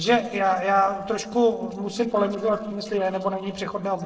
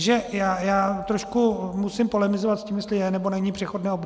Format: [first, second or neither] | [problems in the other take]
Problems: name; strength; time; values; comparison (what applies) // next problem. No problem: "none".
second | noise reduction (neural separator model SepFormer DNS4)